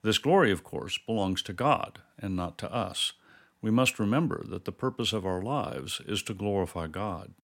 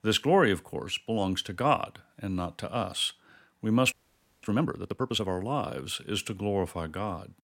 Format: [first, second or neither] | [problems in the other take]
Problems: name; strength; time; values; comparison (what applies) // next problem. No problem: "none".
first | audio freezing; at 4 s for 0.5 s